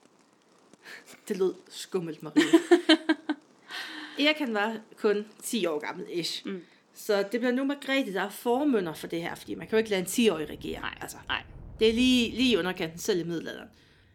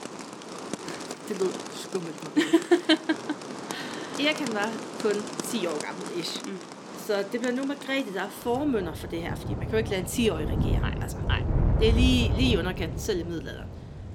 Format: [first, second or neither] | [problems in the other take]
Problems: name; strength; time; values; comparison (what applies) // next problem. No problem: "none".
first | rain or running water; loud; throughout; 4 dB below the speech; faint in the first